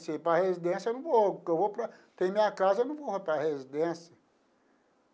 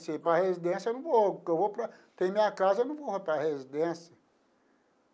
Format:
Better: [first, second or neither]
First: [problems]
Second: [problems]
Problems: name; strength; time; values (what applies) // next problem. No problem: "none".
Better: first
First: none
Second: noise reduction (neural mask model Resemble Enhance denoiser)